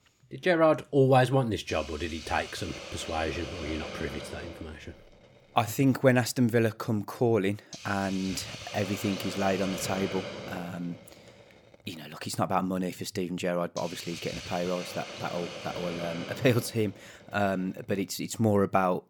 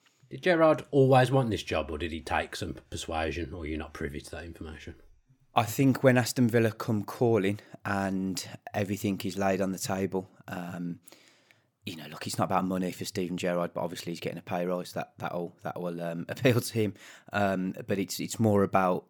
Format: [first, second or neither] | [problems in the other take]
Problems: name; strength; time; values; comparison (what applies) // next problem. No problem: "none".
second | hiss; noticeable; throughout; 10 dB below the speech